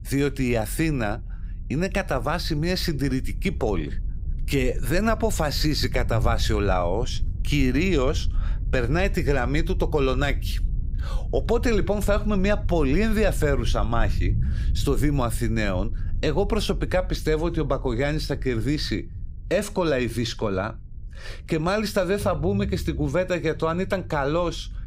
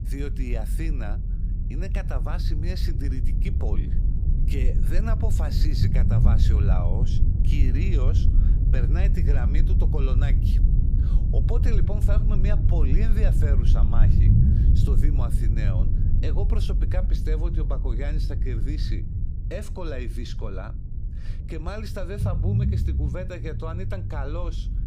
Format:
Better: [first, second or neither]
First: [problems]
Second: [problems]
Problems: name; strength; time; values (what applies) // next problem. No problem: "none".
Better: first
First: low rumble; faint; throughout; 20 dB below the speech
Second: low rumble; loud; throughout; 2 dB below the speech